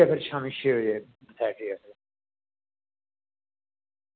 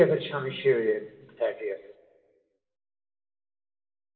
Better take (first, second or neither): first